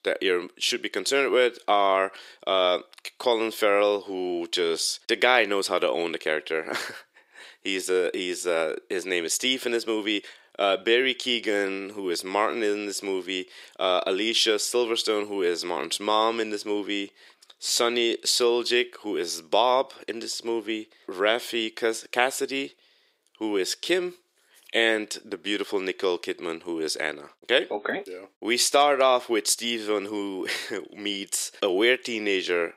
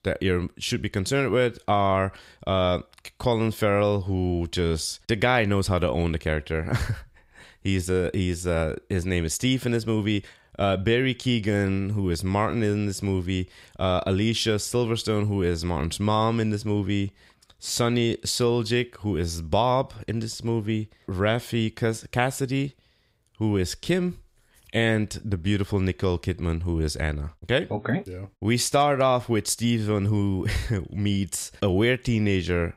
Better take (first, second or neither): second